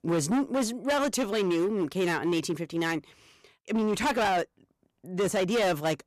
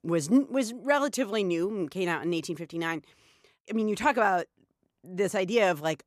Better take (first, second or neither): second